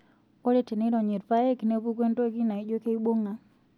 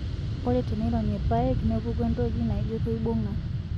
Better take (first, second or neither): first